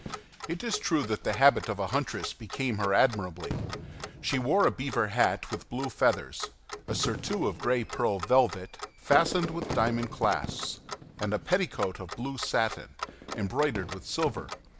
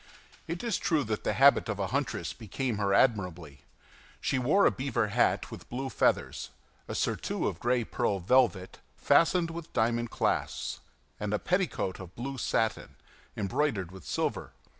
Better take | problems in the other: second | background sound (Fireworks + Clock); 10 dB below the speech

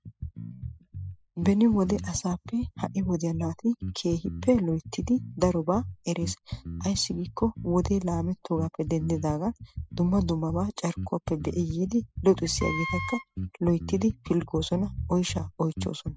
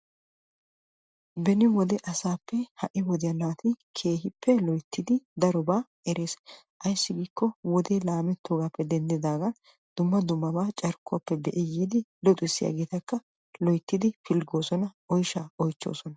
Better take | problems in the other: second | noise reduction (classical method spectral subtraction)

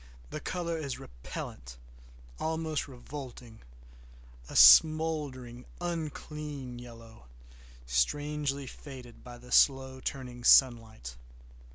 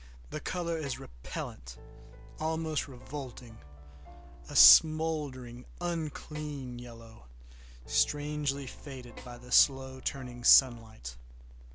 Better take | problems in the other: first | background sound (Snare drum + Piano); 20 dB below the speech

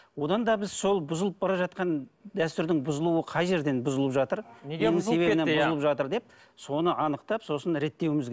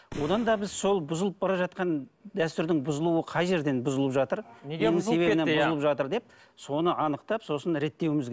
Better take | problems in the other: first | background sound (Boom); 16 dB below the speech

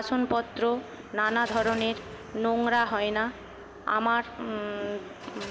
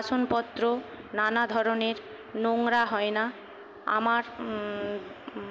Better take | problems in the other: second | background sound (Car); 17 dB below the speech

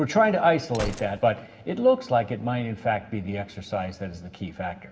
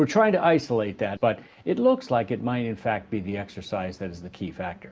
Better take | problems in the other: second | background sound (Gunshot, gunfire); 16 dB below the speech // room echo; dies away in 1.5 s

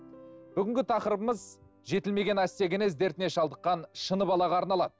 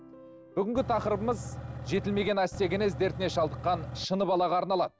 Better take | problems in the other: first | background sound (Engine / Truck / Car); 9 dB below the speech

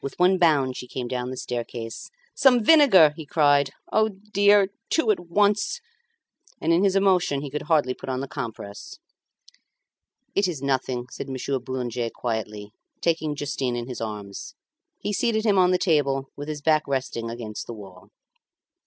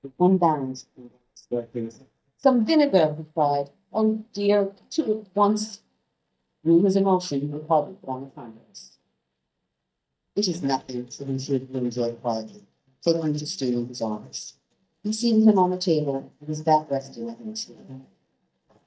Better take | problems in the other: first | noise reduction (neural mask model DeepFilterNet 3)

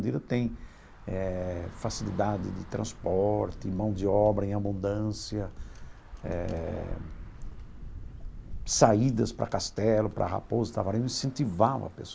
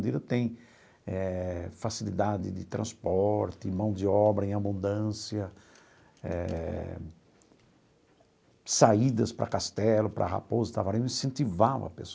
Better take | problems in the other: second | background sound (Traffic noise, roadway noise / Bus); 12 dB below the speech

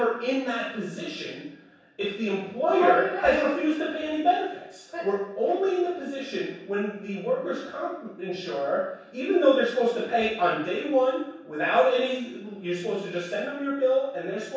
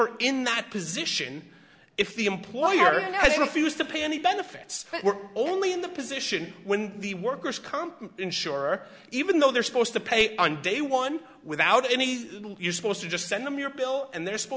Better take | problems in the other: second | room echo; dies away in 0.7 s

